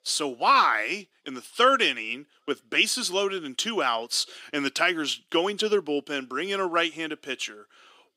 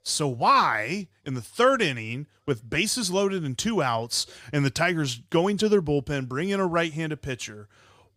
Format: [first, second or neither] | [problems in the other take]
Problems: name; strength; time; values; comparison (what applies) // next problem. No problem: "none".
second | thin; somewhat; fading below 300 Hz